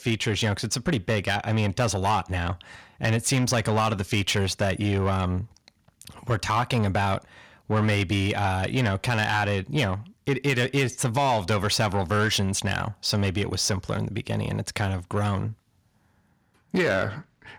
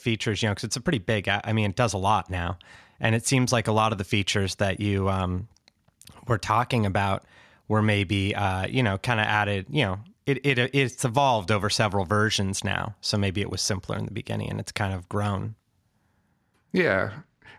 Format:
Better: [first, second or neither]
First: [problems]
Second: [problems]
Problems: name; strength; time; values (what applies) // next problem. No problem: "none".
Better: second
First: distortion; slight; 10 dB below the speech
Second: none